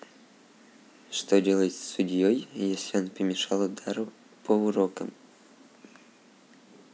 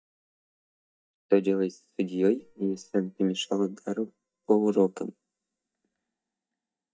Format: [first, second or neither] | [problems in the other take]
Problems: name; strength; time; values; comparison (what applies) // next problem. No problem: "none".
first | noise reduction (neural mask model DeepFilterNet 3)